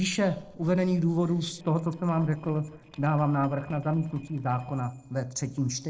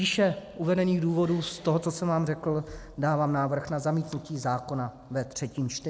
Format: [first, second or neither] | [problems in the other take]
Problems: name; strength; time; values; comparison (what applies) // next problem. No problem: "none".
second | noise reduction (neural separator model SepFormer DNS4)